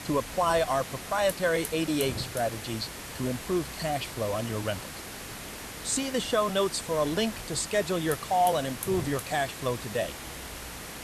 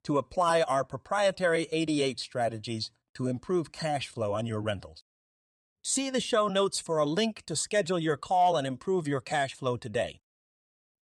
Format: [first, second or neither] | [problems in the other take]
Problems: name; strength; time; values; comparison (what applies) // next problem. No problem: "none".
second | hiss; loud; throughout; 9 dB below the speech